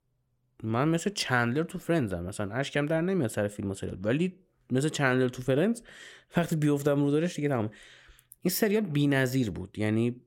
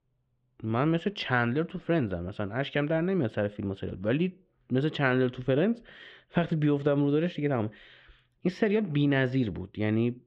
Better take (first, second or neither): first